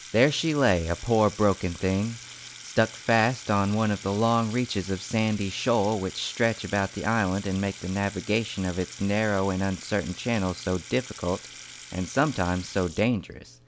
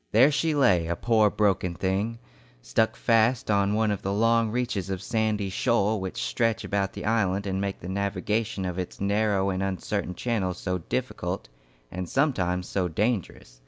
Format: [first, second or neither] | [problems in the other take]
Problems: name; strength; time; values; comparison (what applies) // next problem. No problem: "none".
second | background sound (Sink (filling or washing) / Water tap, faucet); 17 dB below the speech